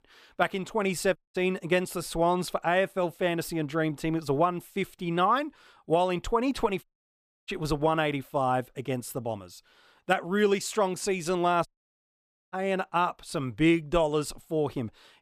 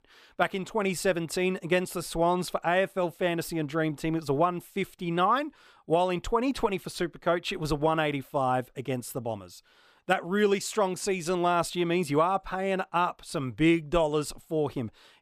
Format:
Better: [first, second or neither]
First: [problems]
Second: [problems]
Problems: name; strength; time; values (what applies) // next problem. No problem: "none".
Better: second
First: audio cutting out; at 1 s, at 7 s for 0.5 s and at 12 s for 1 s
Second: none